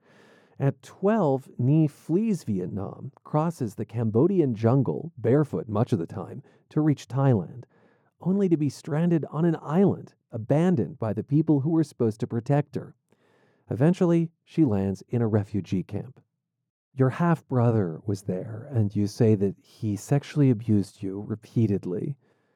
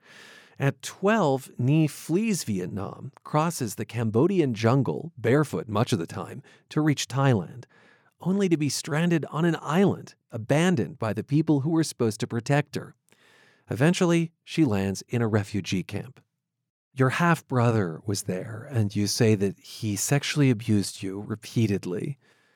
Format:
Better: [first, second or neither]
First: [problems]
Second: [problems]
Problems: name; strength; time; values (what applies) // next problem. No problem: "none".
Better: second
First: muffled; slightly; fading above 1.5 kHz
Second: none